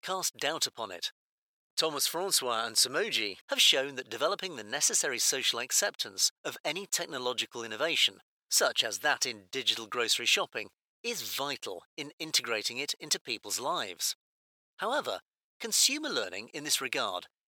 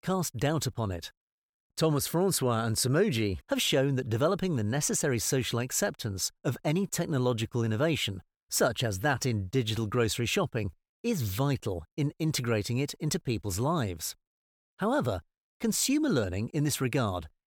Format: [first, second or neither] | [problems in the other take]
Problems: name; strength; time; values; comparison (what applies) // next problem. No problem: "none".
second | thin; very; fading below 550 Hz